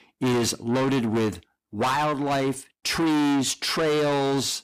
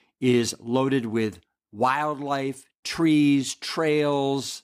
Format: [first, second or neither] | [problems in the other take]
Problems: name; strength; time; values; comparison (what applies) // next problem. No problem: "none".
second | distortion; heavy; 6 dB below the speech